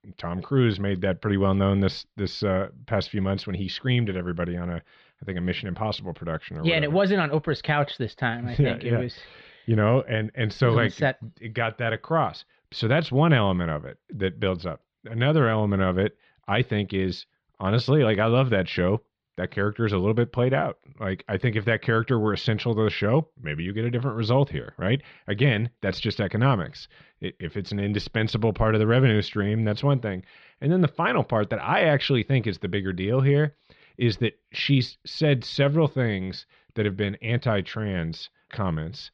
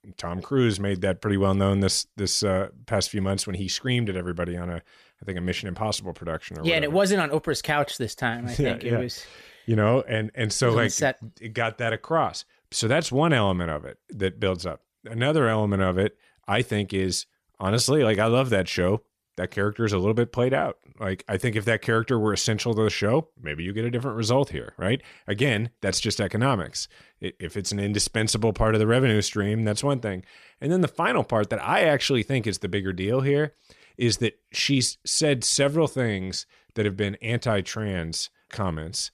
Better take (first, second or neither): second